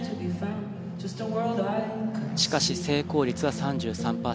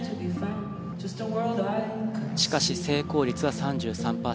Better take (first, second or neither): first